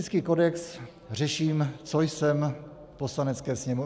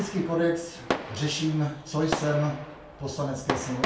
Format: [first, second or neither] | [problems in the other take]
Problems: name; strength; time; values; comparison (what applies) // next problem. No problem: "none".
first | background sound (Fireworks); 6 dB below the speech // room echo; dies away in 0.4 s